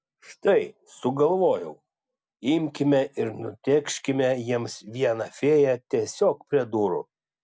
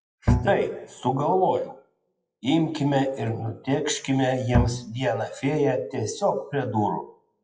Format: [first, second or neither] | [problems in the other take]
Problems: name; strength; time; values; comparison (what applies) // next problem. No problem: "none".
first | noise reduction (classical method WPE with log-MMSE)